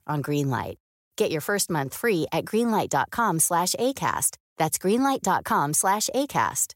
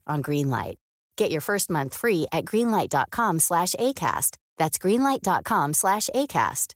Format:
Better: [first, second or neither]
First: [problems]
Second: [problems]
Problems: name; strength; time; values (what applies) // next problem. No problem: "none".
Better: first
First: none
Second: garbled, watery; slightly; nothing above 16 kHz